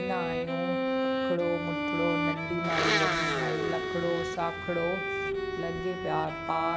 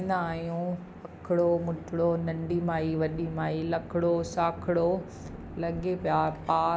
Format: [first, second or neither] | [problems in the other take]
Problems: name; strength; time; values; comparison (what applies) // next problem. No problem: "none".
second | background sound (Bowed string instrument + Domestic sounds, home sounds); 2 dB above the speech